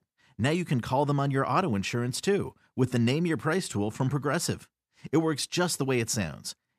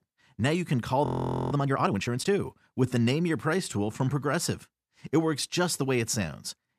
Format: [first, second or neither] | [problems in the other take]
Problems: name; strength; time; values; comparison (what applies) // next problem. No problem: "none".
first | audio freezing; at 1 s